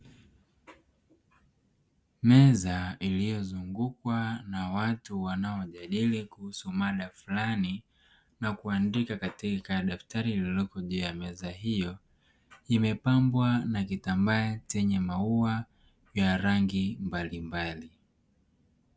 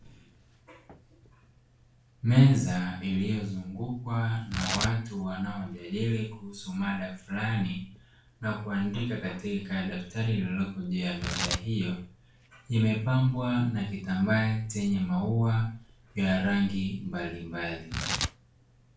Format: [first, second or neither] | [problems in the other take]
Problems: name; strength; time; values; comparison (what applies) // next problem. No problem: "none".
first | background sound (Tearing); 13 dB below the speech // room echo; dies away in 0.4 s